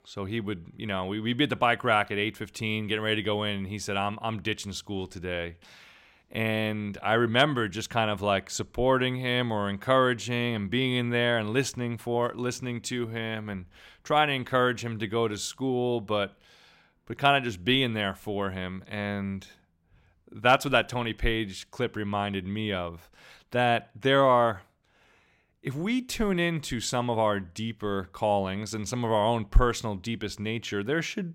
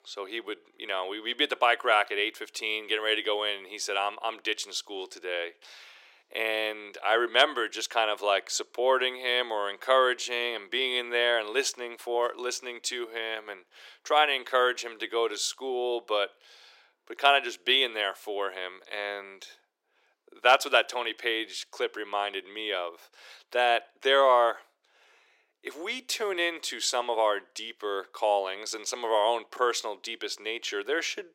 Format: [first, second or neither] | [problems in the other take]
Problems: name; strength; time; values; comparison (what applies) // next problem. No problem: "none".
first | thin; very; fading below 350 Hz